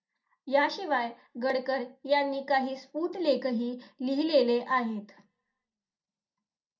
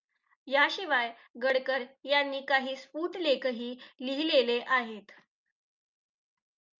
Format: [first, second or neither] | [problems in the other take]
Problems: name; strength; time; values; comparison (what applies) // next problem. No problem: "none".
second | room echo; dies away in 0.2 s